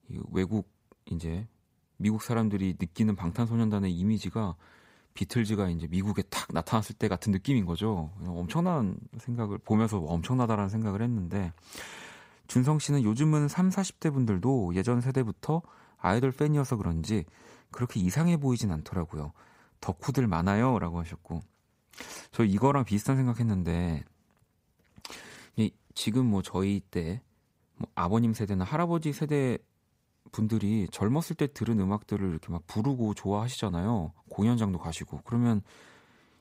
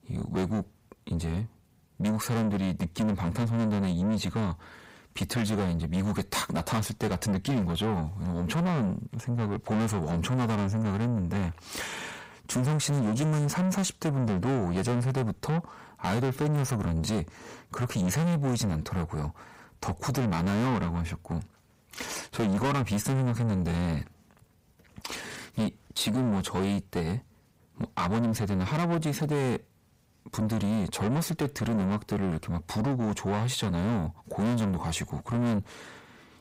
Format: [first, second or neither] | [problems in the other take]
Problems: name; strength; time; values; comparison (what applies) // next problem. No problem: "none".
first | distortion; heavy; 6 dB below the speech